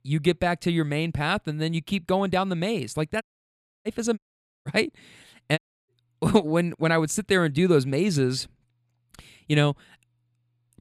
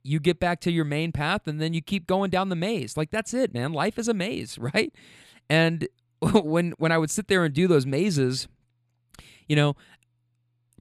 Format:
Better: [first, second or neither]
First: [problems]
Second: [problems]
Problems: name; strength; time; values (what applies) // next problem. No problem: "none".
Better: second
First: audio cutting out; at 3 s for 0.5 s, at 4 s and at 5.5 s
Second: none